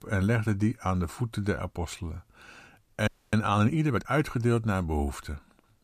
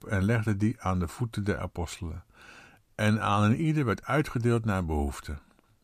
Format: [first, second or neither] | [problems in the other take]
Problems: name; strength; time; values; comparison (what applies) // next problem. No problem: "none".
second | audio freezing; at 3 s